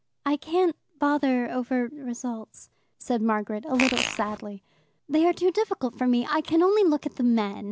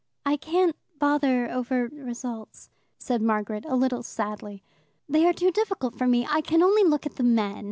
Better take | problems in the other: second | background sound (Fart); 3 dB below the speech

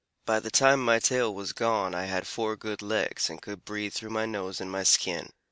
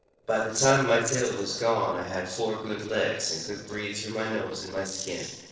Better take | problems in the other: first | noise reduction (neural separator model SepFormer DNS4)

